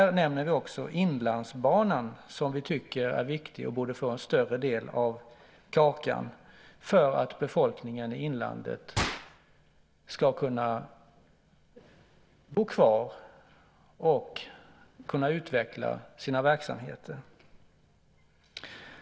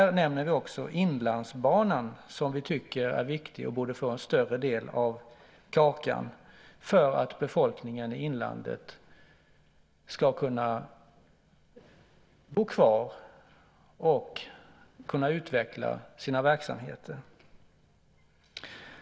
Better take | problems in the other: second | background sound (Gunshot, gunfire); 9 dB below the speech

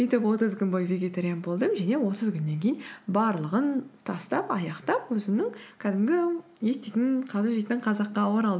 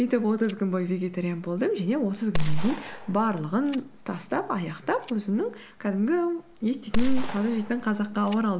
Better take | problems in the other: first | background sound (Gunshot, gunfire); 3 dB below the speech

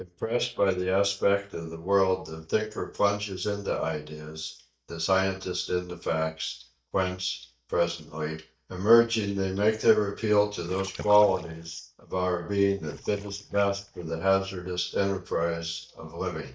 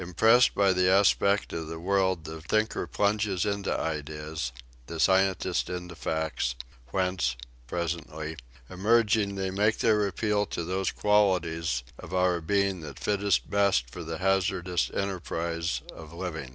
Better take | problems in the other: second | noise reduction (neural mask model DeepFilterNet 3)

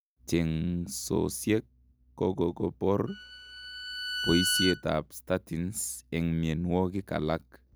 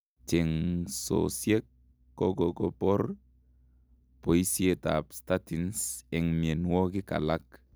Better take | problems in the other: second | background sound (Bowed string instrument); 5 dB below the speech

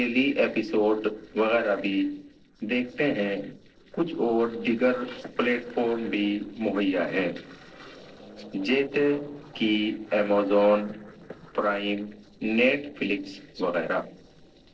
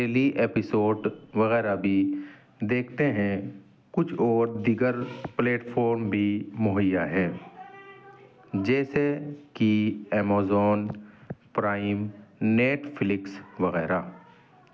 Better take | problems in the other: second | noise reduction (neural separator model SepFormer DNS4)

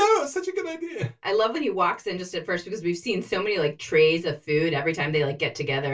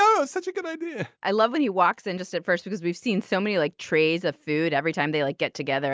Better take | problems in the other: second | room echo; dies away in 0.2 s

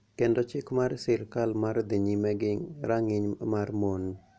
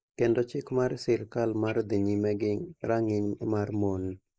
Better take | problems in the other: first | noise reduction (neural mask model Resemble Enhance denoiser)

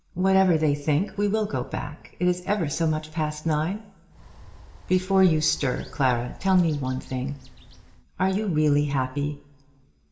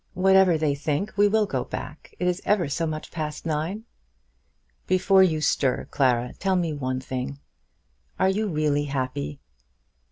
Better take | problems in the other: second | background sound (Bird); 16 dB below the speech // room echo; dies away in 0.9 s

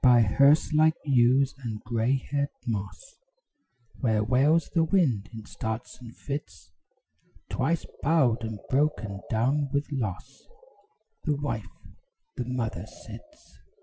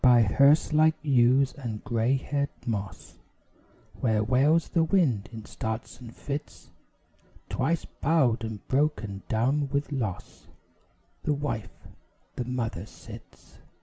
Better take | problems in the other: second | noise reduction (classical method Wiener filter)

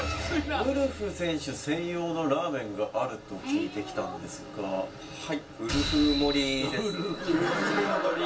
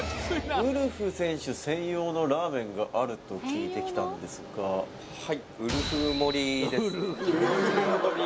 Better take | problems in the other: second | room echo; dies away in 0.2 s

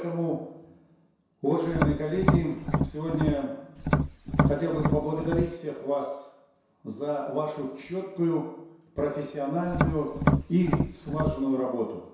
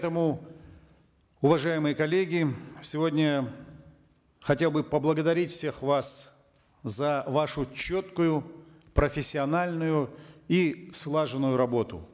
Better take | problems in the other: second | background sound (Tap); 3 dB above the speech // room echo; dies away in 0.7 s

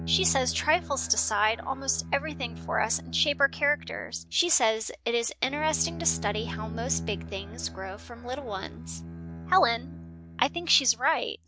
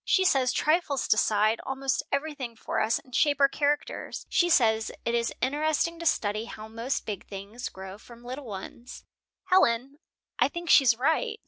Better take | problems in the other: second | background sound (Bowed string instrument); 11 dB below the speech

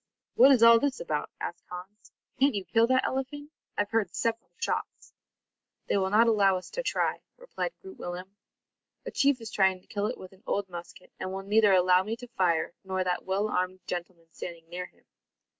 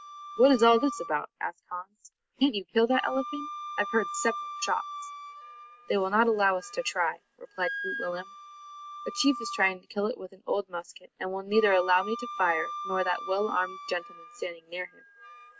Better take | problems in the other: first | background sound (Wind instrument, woodwind instrument); 11 dB below the speech

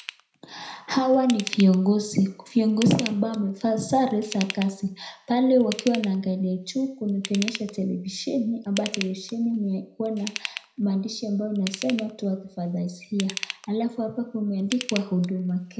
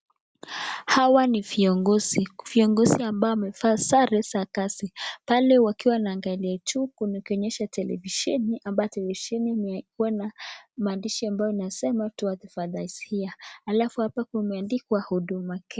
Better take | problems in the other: second | background sound (Ratchet, pawl / Tools); 14 dB below the speech // room echo; dies away in 0.4 s

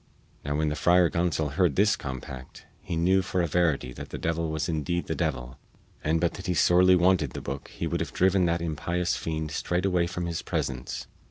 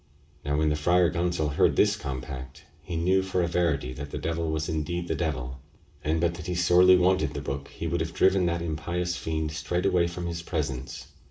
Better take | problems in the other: first | room echo; dies away in 0.4 s

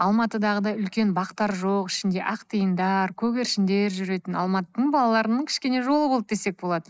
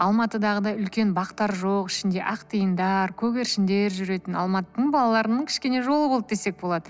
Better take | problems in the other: second | noise reduction (neural mask model Resemble Enhance denoiser)

